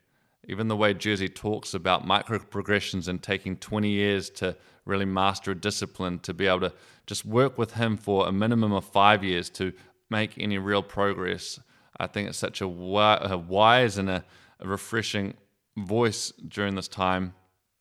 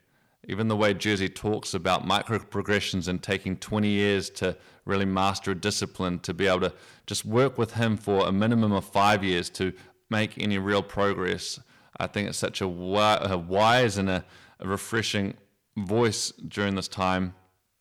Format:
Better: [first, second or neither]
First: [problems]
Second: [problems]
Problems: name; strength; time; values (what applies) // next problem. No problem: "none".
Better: first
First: none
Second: distortion; slight; 10 dB below the speech